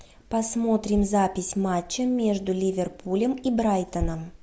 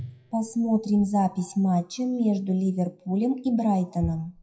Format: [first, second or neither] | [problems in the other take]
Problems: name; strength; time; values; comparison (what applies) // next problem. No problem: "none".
first | noise reduction (classical method WPE with log-MMSE)